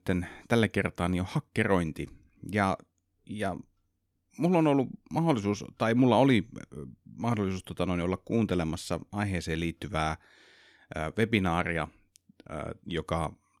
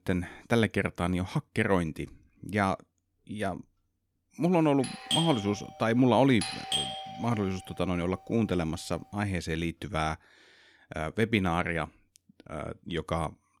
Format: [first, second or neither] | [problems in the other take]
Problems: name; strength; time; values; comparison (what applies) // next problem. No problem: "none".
first | doorbell; loud; from 5 to 7 s; peak level with the speech